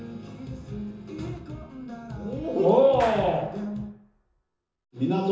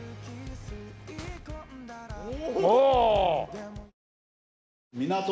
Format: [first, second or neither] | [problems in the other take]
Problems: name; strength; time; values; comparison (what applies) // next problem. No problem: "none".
second | background sound (Clapping); 16 dB below the speech // room echo; dies away in 0.6 s